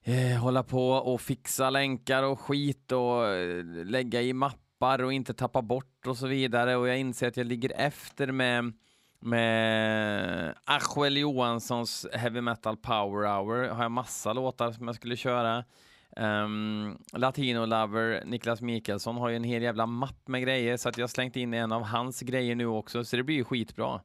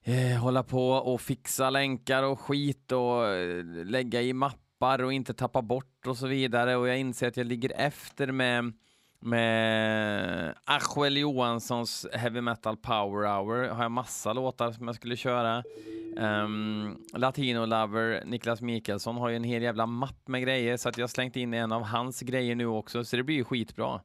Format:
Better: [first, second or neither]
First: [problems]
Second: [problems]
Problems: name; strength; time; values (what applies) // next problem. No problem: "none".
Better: first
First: none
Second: phone ringing; faint; from 16 to 17 s; peak 10 dB below the speech